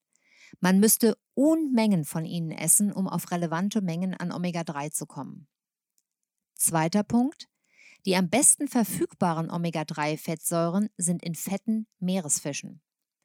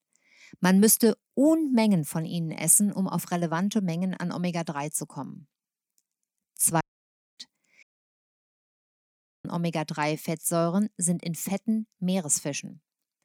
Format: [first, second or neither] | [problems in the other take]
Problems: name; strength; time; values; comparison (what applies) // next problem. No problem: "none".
first | audio cutting out; at 7 s for 0.5 s and at 8 s for 1.5 s